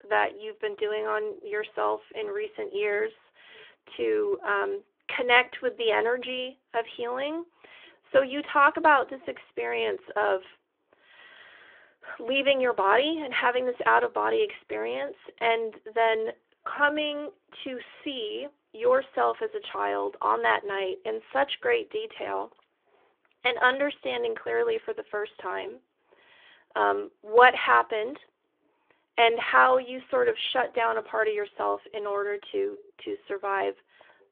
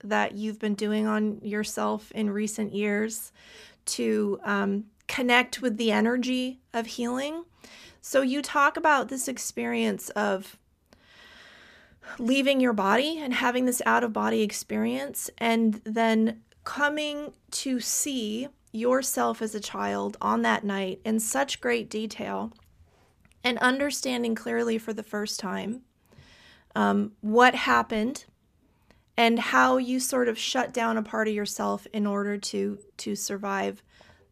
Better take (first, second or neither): second